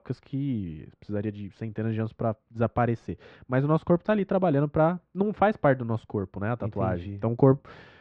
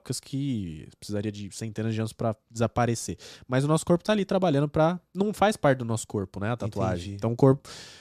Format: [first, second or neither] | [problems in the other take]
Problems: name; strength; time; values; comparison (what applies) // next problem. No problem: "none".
second | muffled; very; fading above 2 kHz